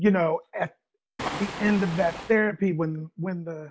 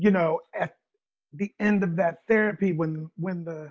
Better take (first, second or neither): second